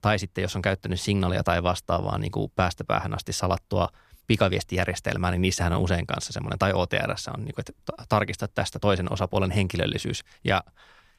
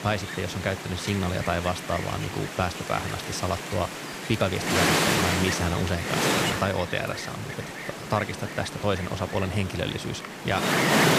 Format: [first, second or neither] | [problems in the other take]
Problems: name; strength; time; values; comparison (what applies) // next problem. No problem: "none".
first | wind noise on the microphone; heavy; 1 dB above the speech